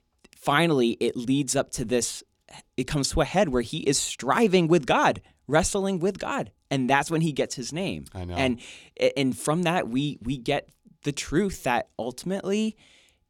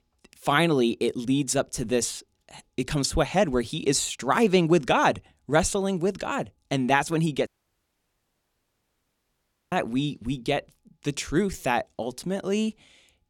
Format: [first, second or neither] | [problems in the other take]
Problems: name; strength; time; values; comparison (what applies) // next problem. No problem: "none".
first | audio cutting out; at 7.5 s for 2.5 s